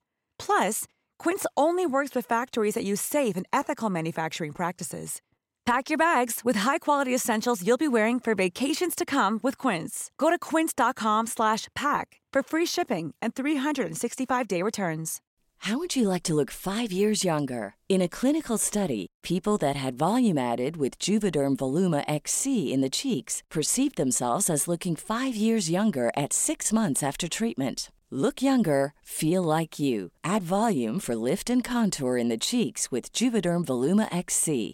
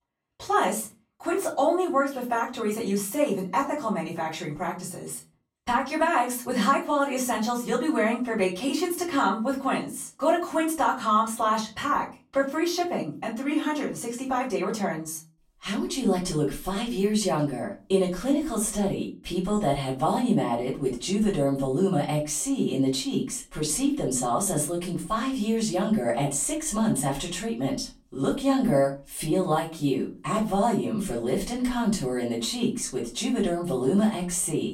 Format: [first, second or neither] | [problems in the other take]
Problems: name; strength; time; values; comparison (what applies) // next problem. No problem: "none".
first | off-mic speech; far // room echo; very slight; dies away in 0.3 s